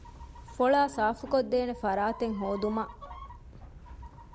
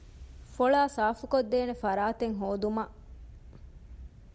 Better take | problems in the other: second | background sound (Chicken, rooster + Piano); 17 dB below the speech

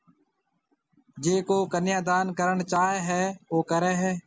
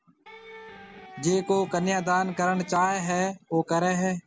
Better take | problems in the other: first | background sound (Electric guitar); 18 dB below the speech

